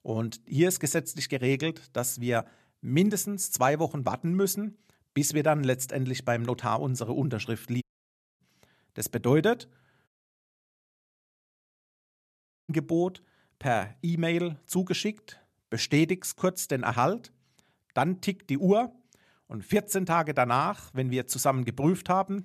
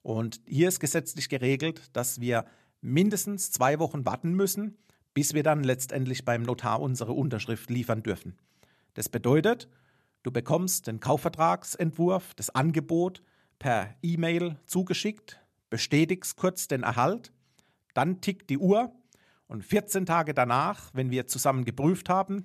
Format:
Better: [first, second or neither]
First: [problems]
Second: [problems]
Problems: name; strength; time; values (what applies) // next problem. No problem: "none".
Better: second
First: audio cutting out; at 8 s for 0.5 s and at 10 s for 2.5 s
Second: none